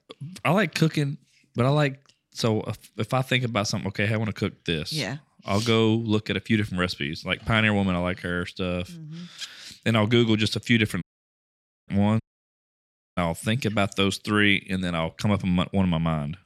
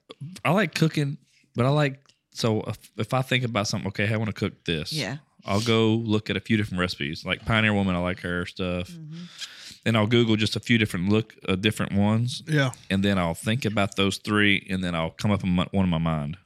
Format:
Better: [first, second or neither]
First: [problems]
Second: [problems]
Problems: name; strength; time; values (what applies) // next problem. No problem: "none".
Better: second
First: audio cutting out; at 11 s for 1 s and at 12 s for 1 s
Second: none